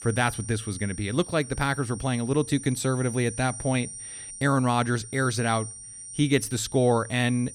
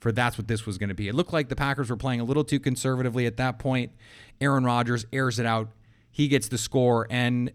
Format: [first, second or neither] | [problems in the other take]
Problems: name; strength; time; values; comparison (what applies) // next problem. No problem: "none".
second | high-pitched whine; noticeable; throughout; 9 kHz, 10 dB below the speech